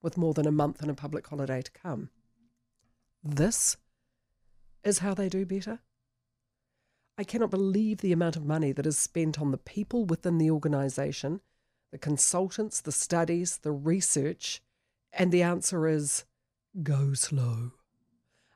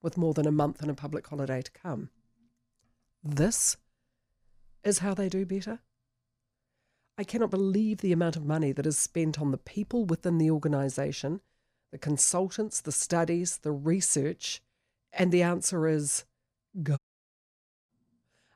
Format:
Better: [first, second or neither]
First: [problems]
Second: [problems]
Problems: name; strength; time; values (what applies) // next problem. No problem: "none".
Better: first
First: none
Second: audio cutting out; at 17 s for 1 s